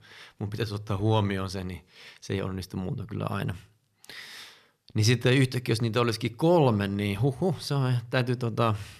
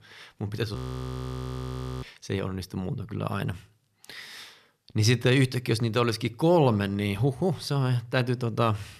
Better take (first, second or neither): first